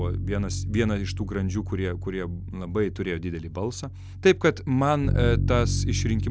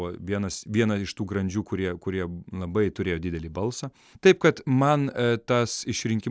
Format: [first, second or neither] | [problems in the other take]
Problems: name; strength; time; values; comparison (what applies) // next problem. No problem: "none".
second | background sound (Bass guitar); 2 dB below the speech